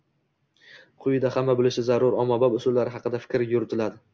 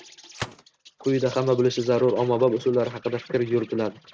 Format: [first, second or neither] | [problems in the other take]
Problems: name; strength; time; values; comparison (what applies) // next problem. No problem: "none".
first | noise reduction (neural mask model RNNoise)